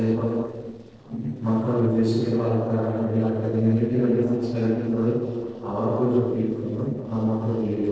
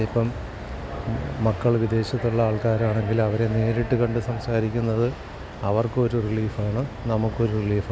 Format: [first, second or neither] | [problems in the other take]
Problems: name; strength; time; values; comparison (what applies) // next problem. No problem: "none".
second | noise reduction (neural separator model SepFormer DNS4)